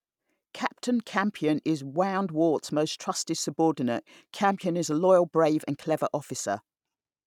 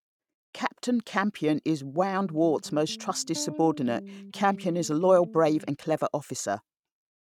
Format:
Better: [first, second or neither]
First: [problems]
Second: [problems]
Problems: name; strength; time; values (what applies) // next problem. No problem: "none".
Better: first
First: none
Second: noise reduction (neural mask model RNNoise)